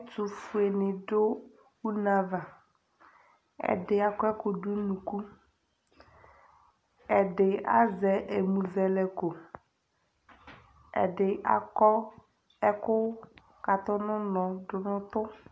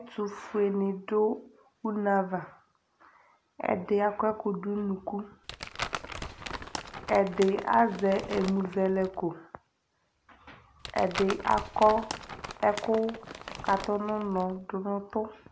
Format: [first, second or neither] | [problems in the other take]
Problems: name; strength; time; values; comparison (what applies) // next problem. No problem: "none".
first | background sound (Crumpling, crinkling); 10 dB below the speech